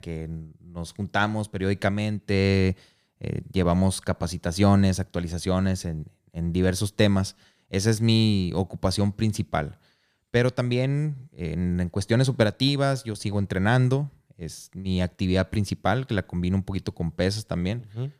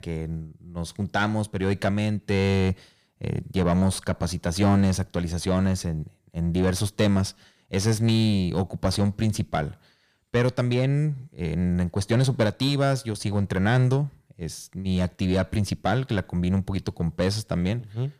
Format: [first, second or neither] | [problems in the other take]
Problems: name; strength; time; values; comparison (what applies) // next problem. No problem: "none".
first | distortion; slight; 10 dB below the speech